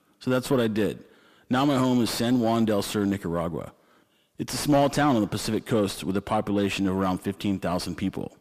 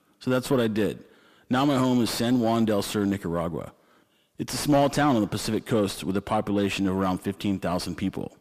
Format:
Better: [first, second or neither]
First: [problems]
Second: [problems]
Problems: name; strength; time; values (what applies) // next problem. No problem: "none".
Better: neither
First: distortion; slight; 9 dB below the speech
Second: distortion; slight; 9 dB below the speech